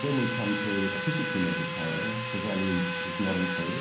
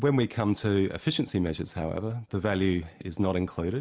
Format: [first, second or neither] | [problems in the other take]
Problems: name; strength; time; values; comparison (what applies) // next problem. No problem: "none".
second | background sound (Drill); 2 dB below the speech // room echo; dies away in 0.6 s